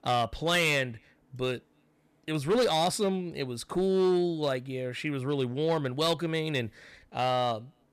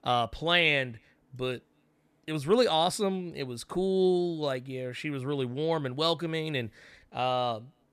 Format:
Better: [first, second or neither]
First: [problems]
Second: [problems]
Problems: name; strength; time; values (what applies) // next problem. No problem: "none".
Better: second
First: distortion; slight; 5% of the sound clipped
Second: none